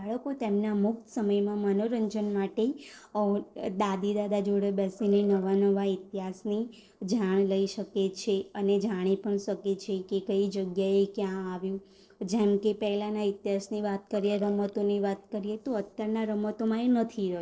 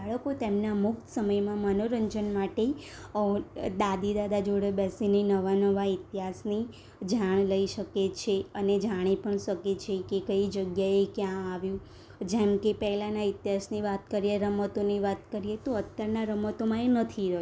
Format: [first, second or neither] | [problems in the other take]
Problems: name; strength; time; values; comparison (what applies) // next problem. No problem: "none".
second | noise reduction (neural separator model SepFormer DNS4)